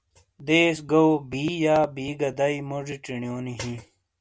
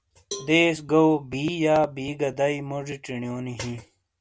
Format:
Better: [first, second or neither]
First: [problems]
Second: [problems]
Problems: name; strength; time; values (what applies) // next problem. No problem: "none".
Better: first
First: none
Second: background sound (Cowbell); 20 dB below the speech